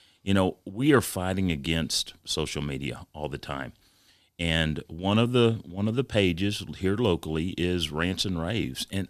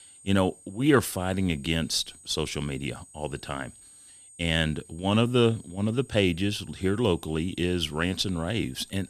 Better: first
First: none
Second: high-pitched whine; faint; throughout; 8.5 kHz, 20 dB below the speech

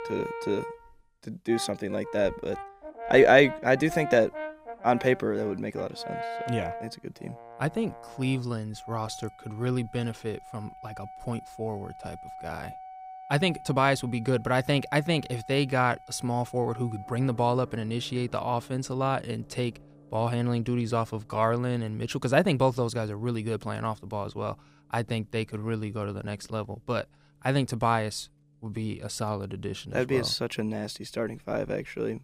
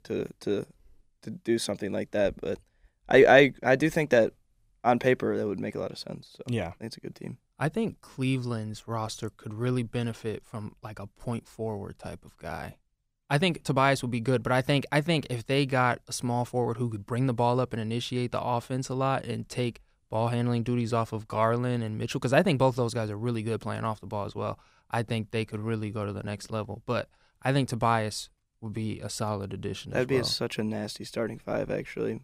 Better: second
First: background music; noticeable; throughout; 15 dB below the speech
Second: none

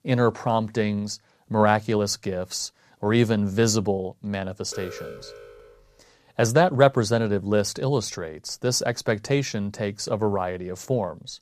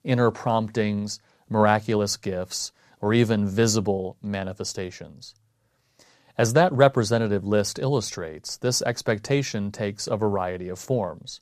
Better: second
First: alarm; faint; from 4.5 to 6 s; peak 15 dB below the speech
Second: none

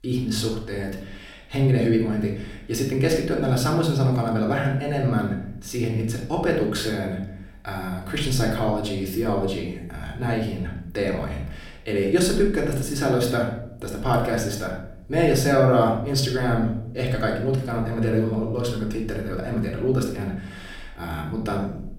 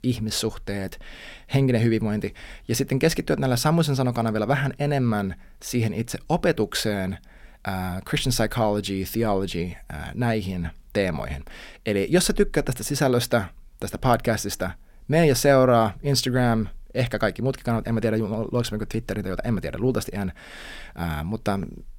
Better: second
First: room echo; noticeable; dies away in 0.6 s // off-mic speech; far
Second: none

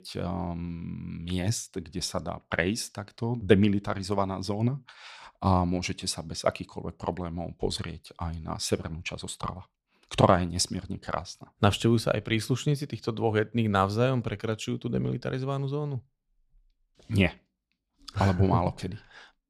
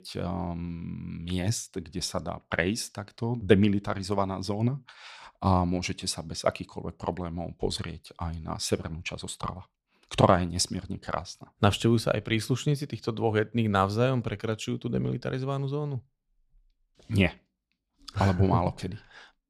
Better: neither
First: none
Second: none

